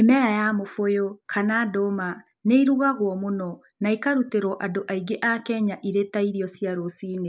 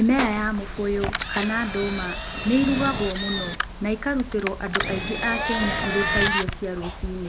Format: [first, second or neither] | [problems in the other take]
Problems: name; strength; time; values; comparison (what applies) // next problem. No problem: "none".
first | background sound (Engine); 3 dB below the speech